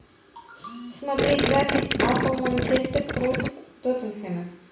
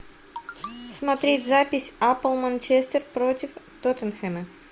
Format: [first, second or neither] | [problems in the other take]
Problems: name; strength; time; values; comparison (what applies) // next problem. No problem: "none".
second | background sound (Gurgling); 2 dB above the speech // room echo; dies away in 0.6 s